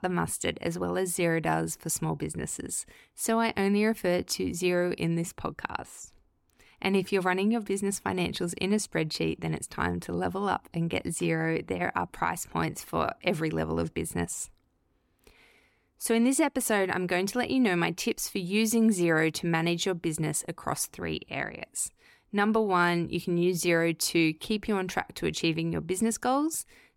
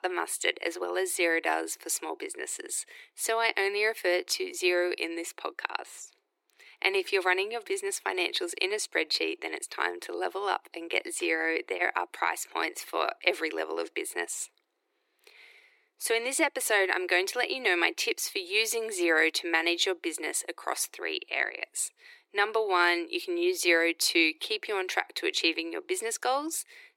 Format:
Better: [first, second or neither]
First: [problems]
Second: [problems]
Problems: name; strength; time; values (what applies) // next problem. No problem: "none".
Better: first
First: none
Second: thin; very; fading below 350 Hz